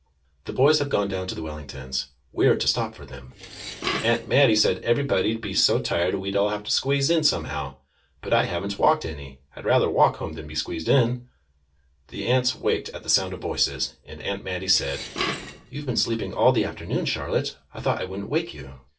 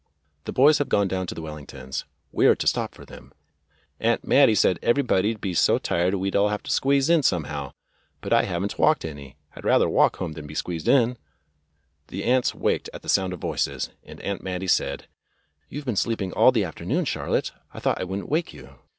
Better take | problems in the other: second | background sound (Dishes, pots, and pans); 10 dB below the speech // room echo; dies away in 0.2 s

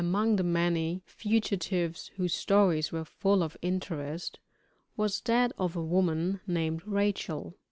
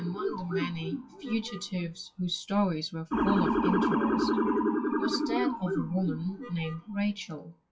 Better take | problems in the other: first | noise reduction (classical method WPE with log-MMSE)

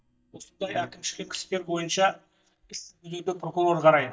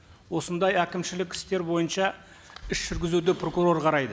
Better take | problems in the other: second | noise reduction (neural mask model DeepFilterNet 3)

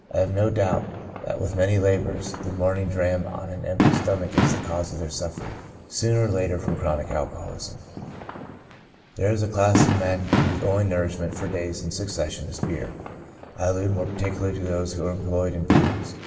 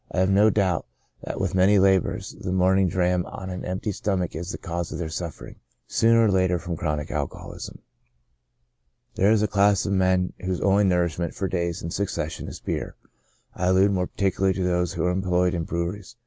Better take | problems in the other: second | background sound (Fireworks); 3 dB below the speech // room echo; dies away in 2.3 s

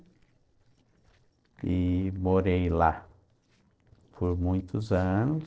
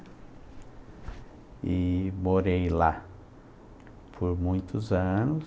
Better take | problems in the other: second | noise reduction (neural separator model SepFormer DNS4)

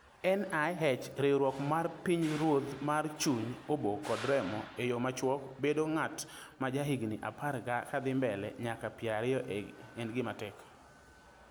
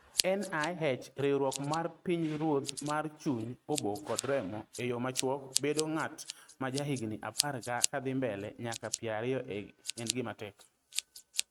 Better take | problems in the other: first | noise reduction (neural mask model RNNoise)

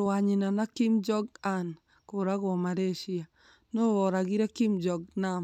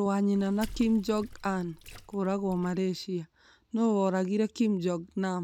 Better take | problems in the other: first | background sound (Water / Splash, splatter); 18 dB below the speech

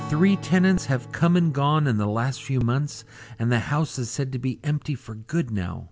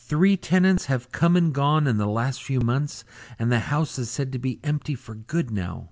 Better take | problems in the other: second | background sound (Strum); 18 dB below the speech

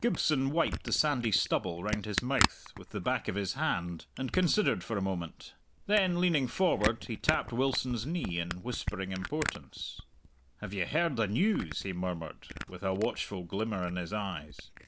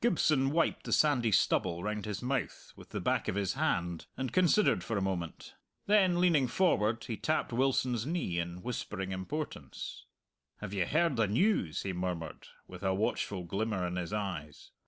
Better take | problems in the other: second | background sound (Camera); 8 dB below the speech

